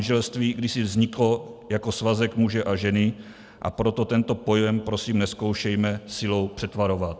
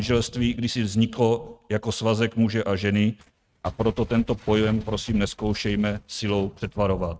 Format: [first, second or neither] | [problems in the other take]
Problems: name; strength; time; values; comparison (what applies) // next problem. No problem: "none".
first | noise reduction (neural mask model RNNoise)